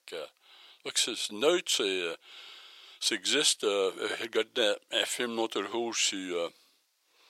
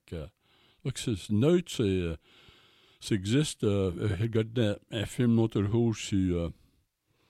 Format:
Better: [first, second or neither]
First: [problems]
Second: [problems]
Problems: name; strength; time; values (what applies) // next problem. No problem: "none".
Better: second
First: thin; very; fading below 550 Hz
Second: none